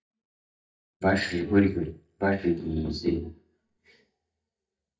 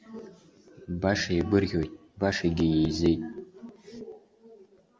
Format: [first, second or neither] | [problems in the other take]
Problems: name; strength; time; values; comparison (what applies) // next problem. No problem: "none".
second | noise reduction (neural mask model DeepFilterNet 3)